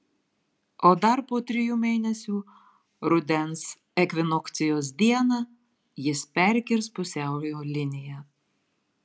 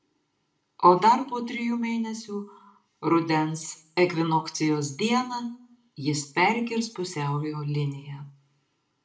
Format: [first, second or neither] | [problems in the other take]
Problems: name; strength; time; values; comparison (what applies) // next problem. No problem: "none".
first | room echo; dies away in 0.4 s